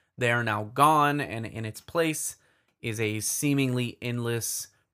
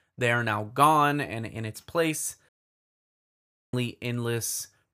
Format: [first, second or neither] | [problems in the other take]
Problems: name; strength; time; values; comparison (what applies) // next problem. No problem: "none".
first | audio cutting out; at 2.5 s for 1 s